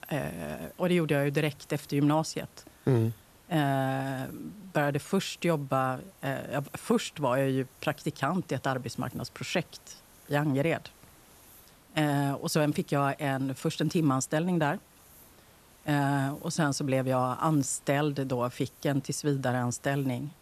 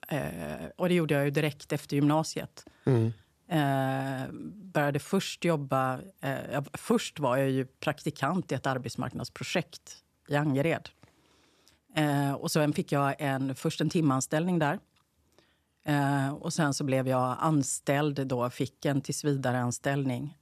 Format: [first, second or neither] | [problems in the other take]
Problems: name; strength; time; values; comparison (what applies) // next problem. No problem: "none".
second | hiss; faint; throughout; 25 dB below the speech